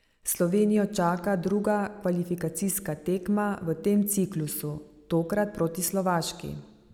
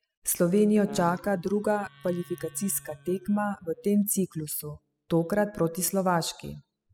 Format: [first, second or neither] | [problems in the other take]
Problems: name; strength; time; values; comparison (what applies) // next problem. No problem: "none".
first | noise reduction (classical method spectral subtraction)